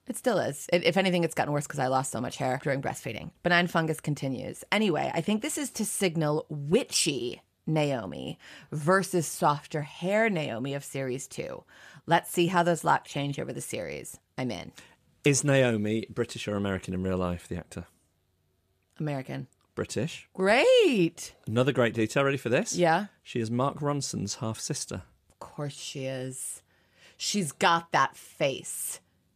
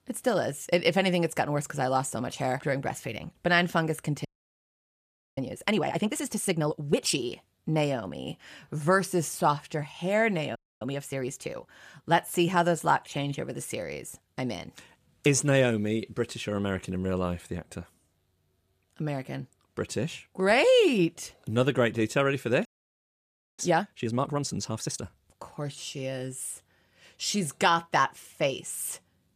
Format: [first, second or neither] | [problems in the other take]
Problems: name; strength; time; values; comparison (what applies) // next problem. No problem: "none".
first | audio freezing; at 4.5 s for 1 s, at 11 s and at 23 s for 1 s